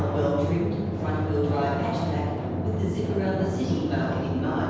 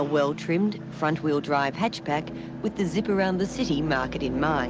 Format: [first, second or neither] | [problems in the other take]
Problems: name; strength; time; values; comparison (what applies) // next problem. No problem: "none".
second | background sound (Drum); 1 dB below the speech // room echo; dies away in 1.2 s